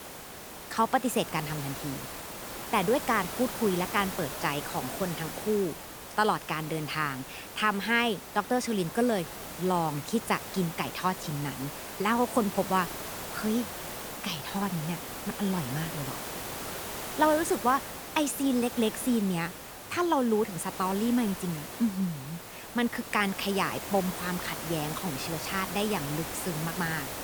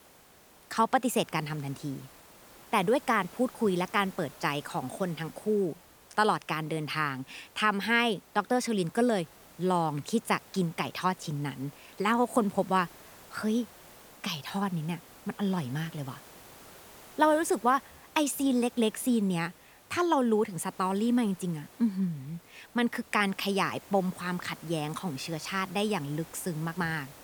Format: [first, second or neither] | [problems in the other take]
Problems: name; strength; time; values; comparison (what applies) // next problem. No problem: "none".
second | hiss; loud; throughout; 8 dB below the speech; faint in the second